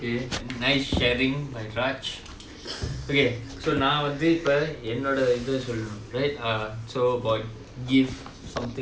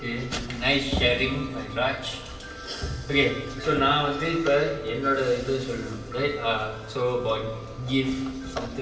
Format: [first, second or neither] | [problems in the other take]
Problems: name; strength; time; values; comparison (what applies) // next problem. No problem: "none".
first | background sound (Wind chime); 17 dB below the speech // room echo; dies away in 2 s